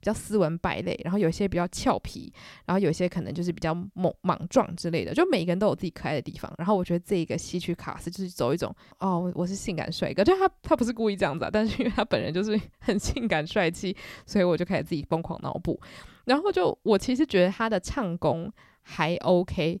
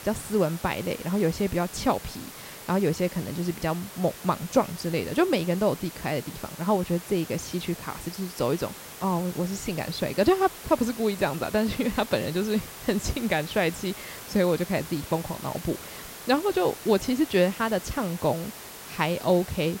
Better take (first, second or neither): first